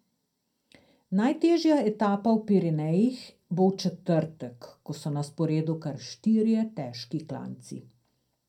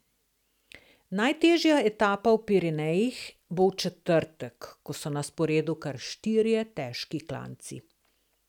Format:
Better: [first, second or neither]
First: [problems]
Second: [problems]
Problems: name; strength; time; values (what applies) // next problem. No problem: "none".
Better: second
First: room echo; dies away in 0.2 s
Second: none